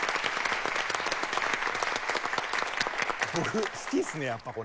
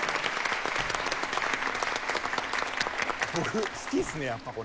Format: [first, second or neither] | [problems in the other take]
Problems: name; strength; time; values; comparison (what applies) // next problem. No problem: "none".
first | background sound (Slam + Toilet flush); 14 dB below the speech